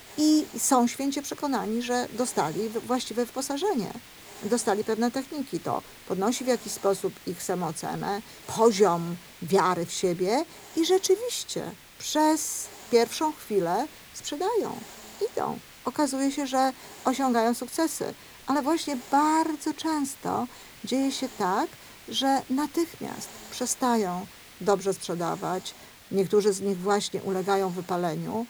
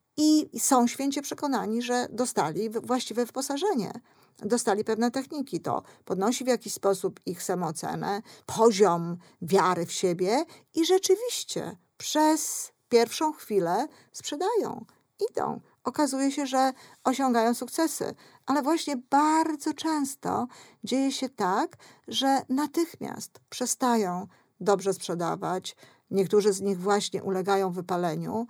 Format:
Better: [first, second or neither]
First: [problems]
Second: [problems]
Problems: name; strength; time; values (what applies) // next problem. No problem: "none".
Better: second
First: hiss; noticeable; throughout; 20 dB below the speech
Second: none